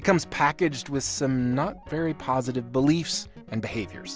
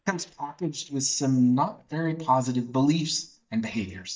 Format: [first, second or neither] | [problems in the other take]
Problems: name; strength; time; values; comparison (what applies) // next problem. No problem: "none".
first | noise reduction (neural mask model DeepFilterNet 3)